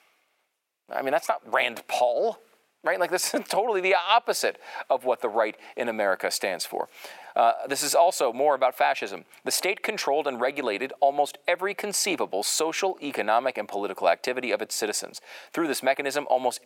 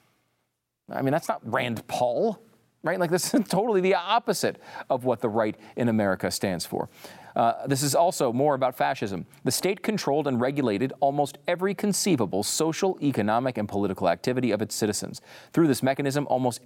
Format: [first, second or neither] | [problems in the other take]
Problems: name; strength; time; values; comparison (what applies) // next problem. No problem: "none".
second | thin; somewhat; fading below 550 Hz